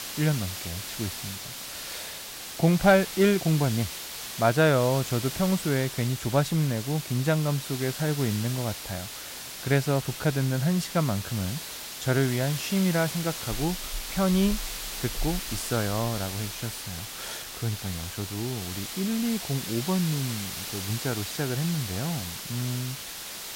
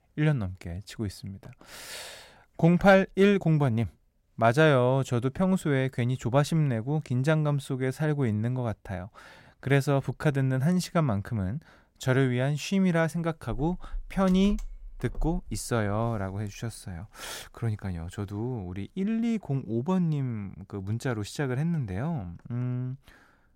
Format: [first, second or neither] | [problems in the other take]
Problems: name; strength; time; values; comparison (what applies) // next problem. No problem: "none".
second | hiss; loud; throughout; 7 dB below the speech